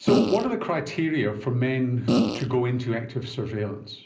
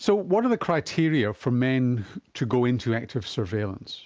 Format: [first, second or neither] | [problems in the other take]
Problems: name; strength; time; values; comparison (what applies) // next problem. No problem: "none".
second | background sound (Fart); 3 dB above the speech // room echo; dies away in 0.5 s